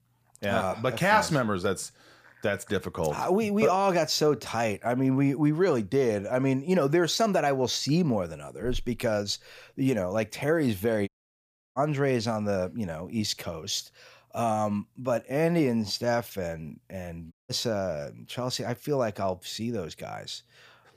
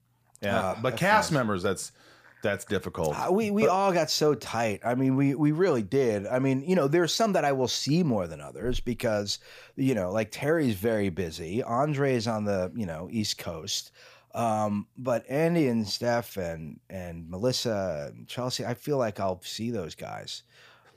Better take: second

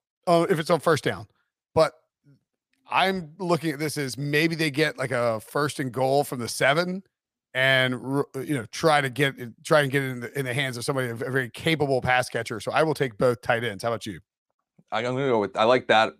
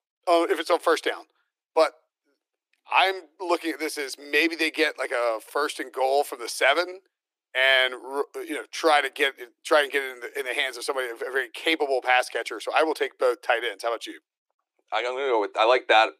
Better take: first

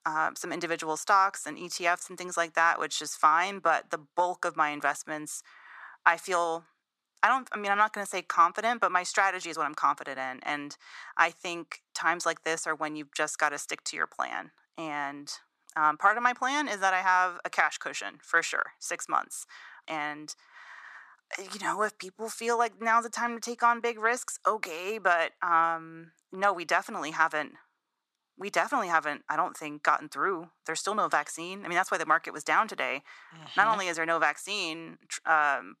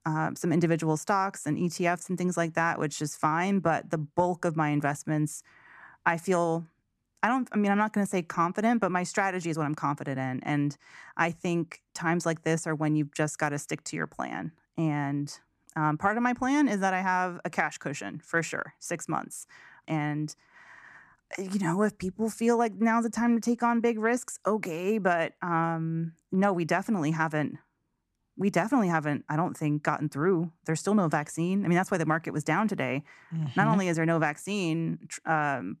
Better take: second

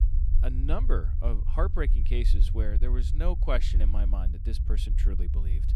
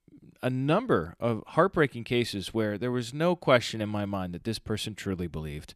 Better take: second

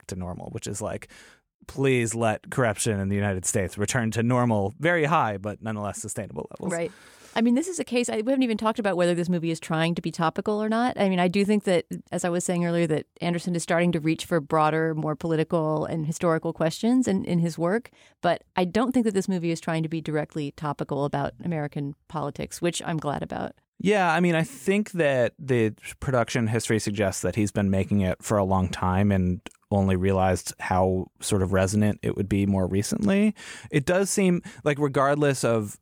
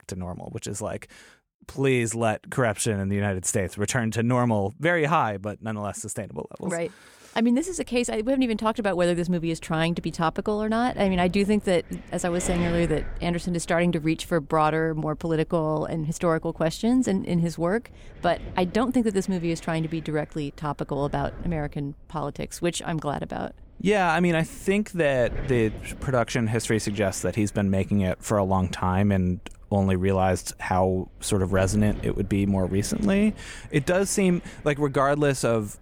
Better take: first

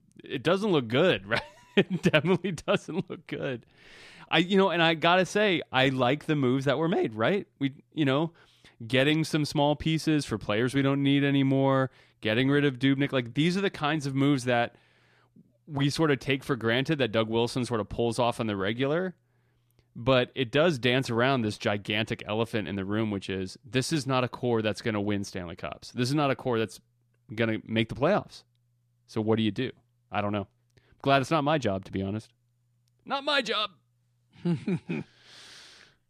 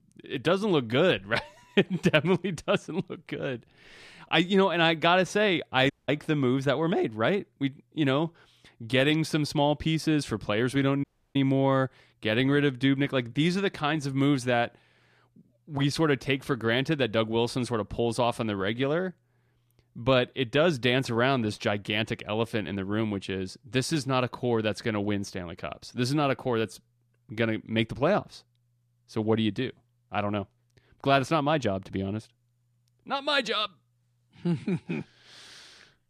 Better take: first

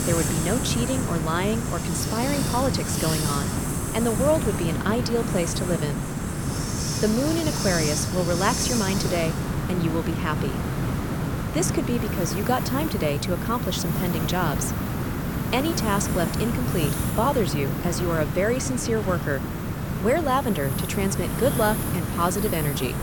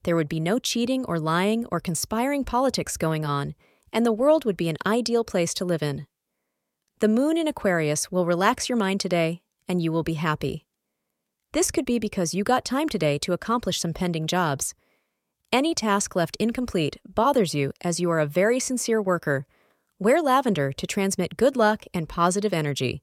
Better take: second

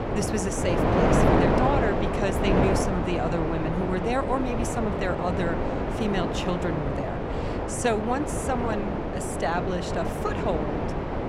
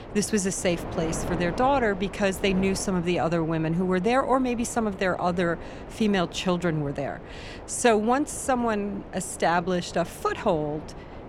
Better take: second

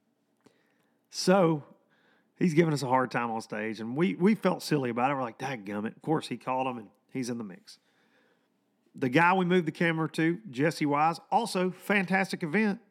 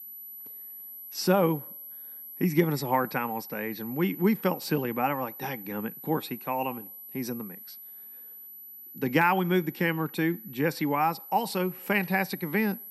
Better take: first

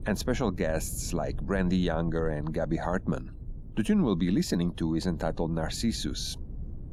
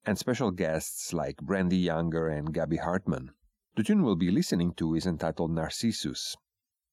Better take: second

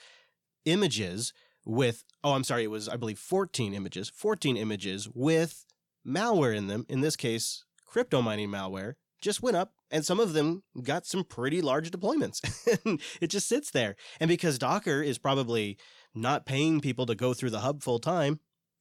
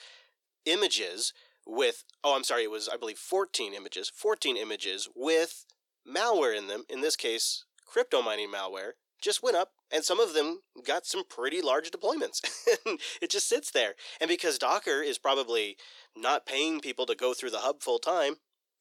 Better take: first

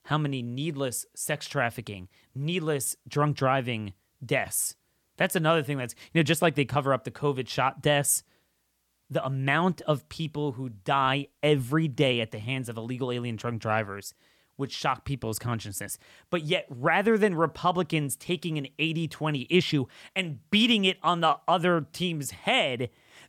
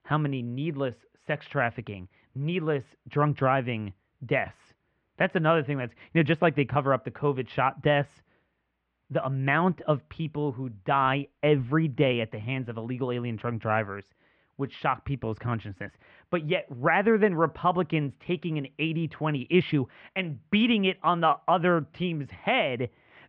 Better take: first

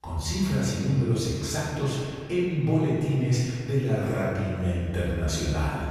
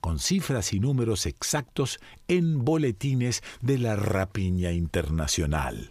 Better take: second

